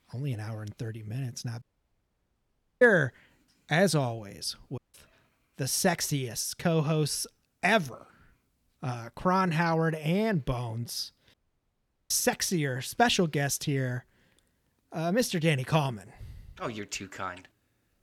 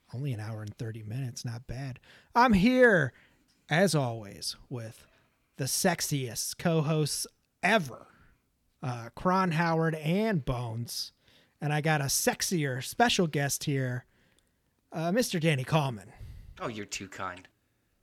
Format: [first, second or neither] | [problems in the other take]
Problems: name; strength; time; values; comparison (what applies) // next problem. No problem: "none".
second | audio cutting out; at 1.5 s for 1 s, at 5 s and at 11 s for 1 s